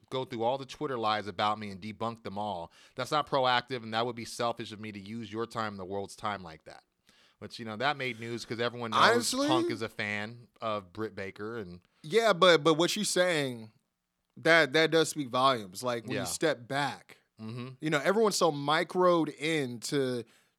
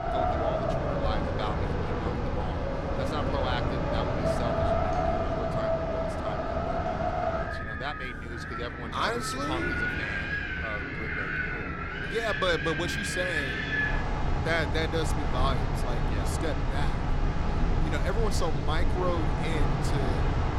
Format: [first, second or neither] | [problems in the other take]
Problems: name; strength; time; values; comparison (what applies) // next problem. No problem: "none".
first | wind in the background; very loud; throughout; 5 dB above the speech